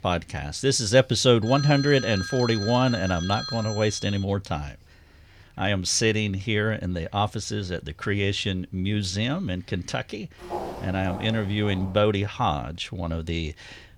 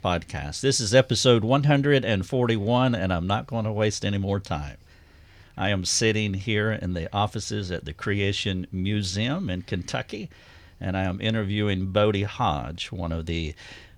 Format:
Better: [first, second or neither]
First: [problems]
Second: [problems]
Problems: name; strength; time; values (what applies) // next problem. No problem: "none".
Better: second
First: phone ringing; noticeable; from 1.5 to 4.5 s; peak 7 dB below the speech // footsteps; noticeable; from 10 to 12 s; peak 8 dB below the speech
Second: none